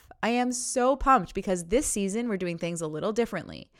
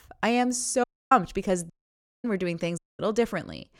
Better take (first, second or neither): first